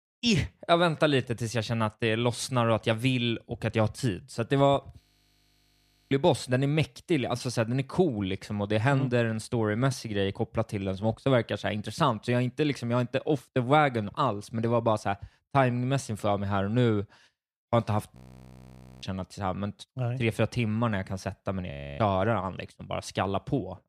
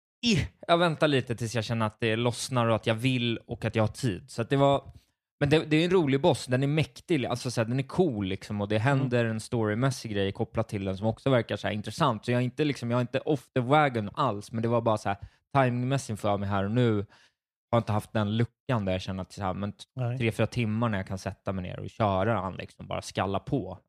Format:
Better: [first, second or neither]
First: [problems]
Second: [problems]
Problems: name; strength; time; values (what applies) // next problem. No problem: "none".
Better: second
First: audio freezing; at 5 s for 1 s, at 18 s for 1 s and at 22 s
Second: none